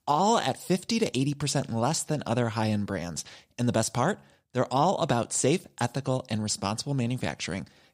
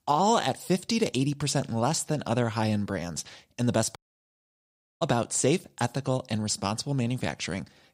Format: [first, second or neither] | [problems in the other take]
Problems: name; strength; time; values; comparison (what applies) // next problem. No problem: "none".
first | audio cutting out; at 4 s for 1 s